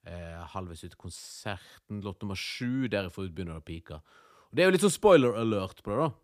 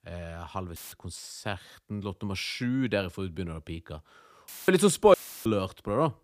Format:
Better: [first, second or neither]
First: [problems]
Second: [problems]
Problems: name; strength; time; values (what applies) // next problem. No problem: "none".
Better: first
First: none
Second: audio cutting out; filled with static; at 1 s, at 4.5 s and at 5 s